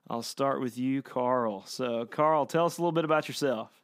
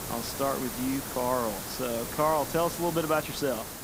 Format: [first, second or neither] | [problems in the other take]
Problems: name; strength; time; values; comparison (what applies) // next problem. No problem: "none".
first | hiss; loud; throughout; 6 dB below the speech